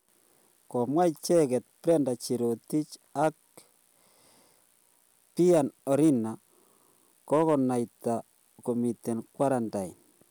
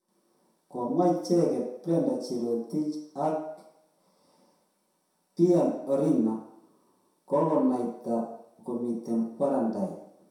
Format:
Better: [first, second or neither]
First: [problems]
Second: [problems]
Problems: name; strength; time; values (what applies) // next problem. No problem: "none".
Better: first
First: none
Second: room echo; dies away in 0.7 s